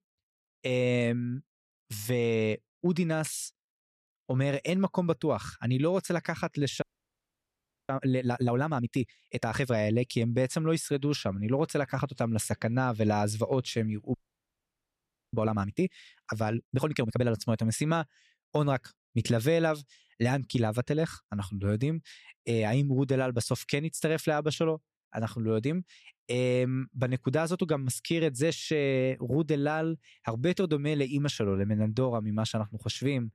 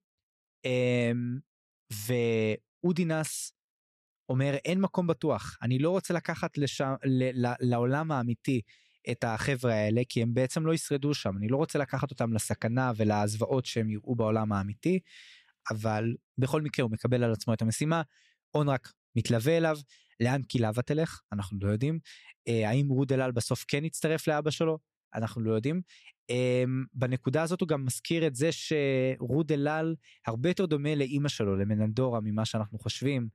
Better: second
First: audio freezing; at 7 s for 1 s and at 14 s for 1 s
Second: none

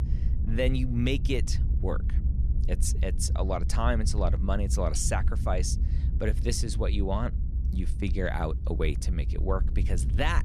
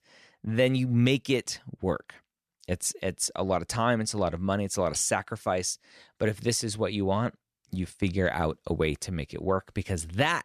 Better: second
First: low rumble; noticeable; throughout; 15 dB below the speech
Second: none

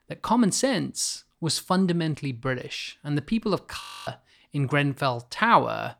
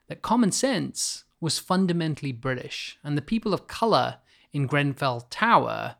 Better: second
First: audio freezing; at 4 s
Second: none

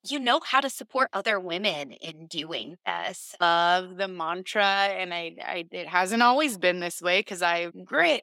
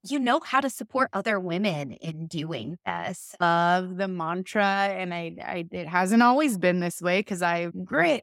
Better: second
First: thin; somewhat; fading below 350 Hz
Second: none

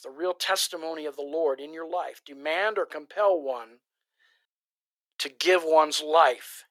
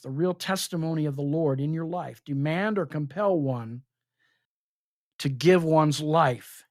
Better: second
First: thin; very; fading below 400 Hz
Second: none

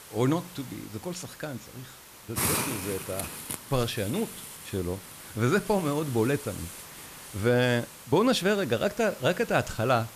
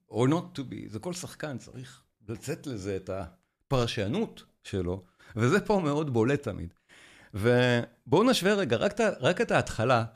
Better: second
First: hiss; loud; throughout; 9 dB below the speech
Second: none

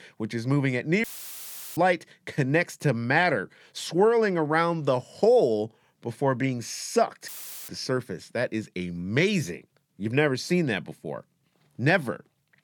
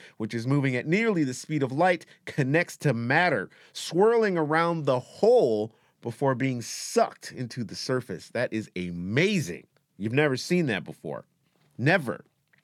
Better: second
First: audio cutting out; filled with static; at 1 s for 0.5 s and at 7.5 s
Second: none

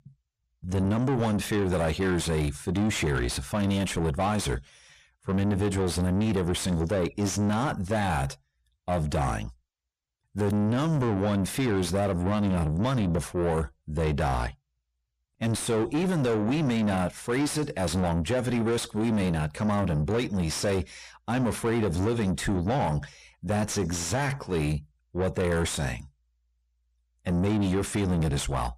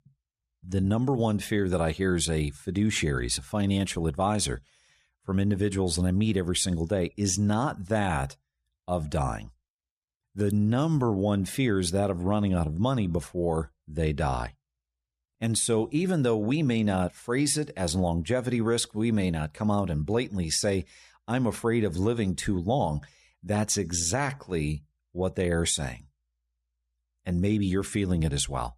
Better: second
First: distortion; heavy; 7 dB below the speech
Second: none

